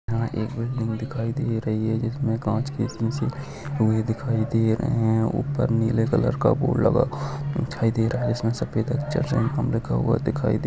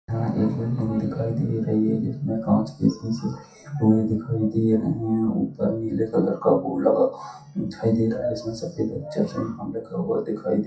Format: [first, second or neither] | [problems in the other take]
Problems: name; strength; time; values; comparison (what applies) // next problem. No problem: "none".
first | noise reduction (classical method WPE with log-MMSE)